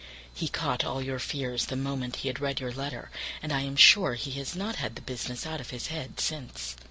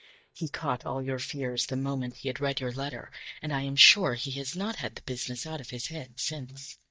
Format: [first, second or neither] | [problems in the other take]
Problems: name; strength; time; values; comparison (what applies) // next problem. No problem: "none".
first | noise reduction (neural mask model DeepFilterNet 3)